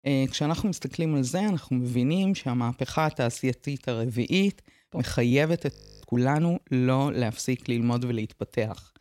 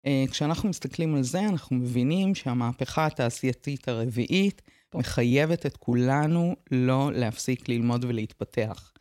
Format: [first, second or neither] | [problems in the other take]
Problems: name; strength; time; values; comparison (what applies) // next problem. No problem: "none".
second | audio freezing; at 5.5 s